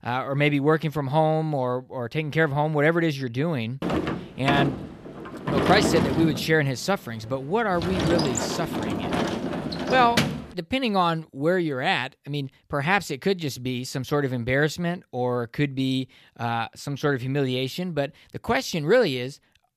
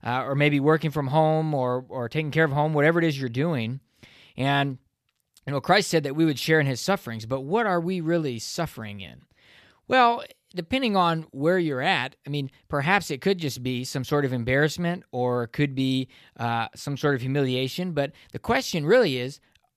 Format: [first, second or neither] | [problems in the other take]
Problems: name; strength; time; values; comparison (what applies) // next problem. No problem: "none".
second | door banging; loud; from 4 to 10 s; peak 2 dB above the speech